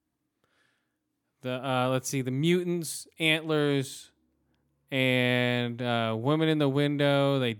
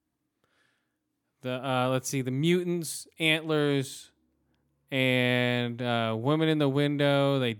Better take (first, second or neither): neither